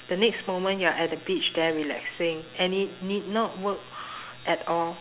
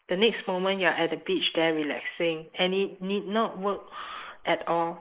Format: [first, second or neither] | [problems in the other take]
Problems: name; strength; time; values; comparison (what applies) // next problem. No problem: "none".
first | noise reduction (neural mask model Resemble Enhance denoiser)